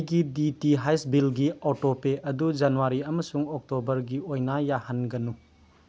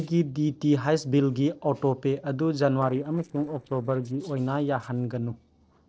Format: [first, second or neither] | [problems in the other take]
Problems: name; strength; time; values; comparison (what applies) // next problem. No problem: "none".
first | noise reduction (neural separator model SepFormer DNS4)